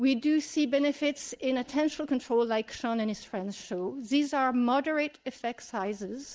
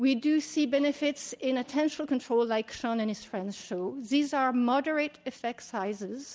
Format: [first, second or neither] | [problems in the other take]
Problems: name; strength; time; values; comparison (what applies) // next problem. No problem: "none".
second | noise reduction (neural mask model Resemble Enhance denoiser)